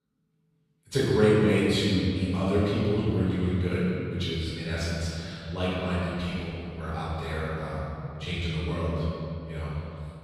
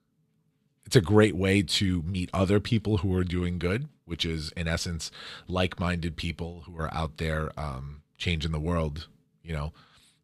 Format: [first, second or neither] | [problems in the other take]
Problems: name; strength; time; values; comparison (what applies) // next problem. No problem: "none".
second | room echo; strong; dies away in 2.4 s // off-mic speech; far